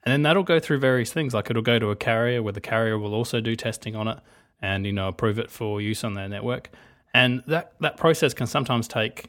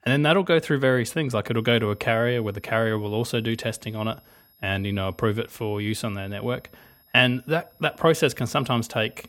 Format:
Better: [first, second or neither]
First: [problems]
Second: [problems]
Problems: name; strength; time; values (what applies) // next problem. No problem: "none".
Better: first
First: none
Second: high-pitched whine; faint; from 1.5 s on; 11.5 kHz, 30 dB below the speech